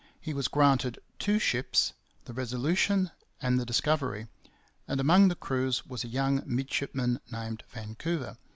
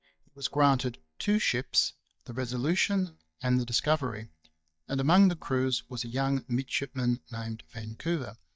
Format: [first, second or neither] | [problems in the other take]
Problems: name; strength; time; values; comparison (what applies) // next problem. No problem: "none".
first | noise reduction (neural mask model DeepFilterNet 3)